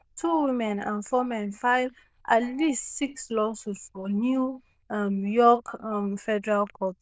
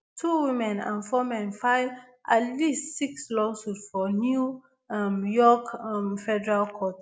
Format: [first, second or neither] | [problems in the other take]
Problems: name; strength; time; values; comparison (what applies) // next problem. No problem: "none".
second | noise reduction (neural diffusion model UNIVERSE++)